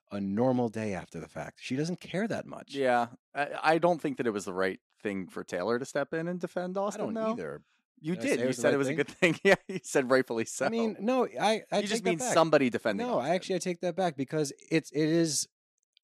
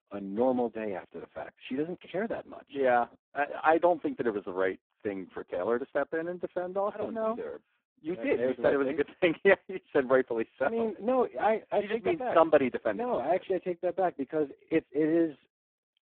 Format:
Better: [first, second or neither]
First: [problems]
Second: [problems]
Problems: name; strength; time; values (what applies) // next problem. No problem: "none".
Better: first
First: none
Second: phone-call audio; poor line